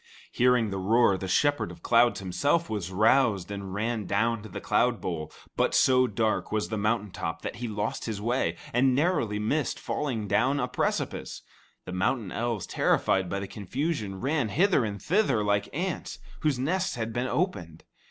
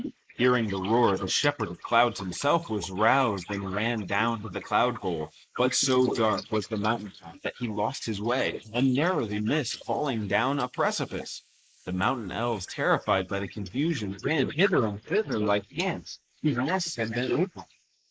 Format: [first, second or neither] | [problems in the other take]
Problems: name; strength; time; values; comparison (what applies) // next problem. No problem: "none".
first | noise reduction (neural mask model Resemble Enhance denoiser)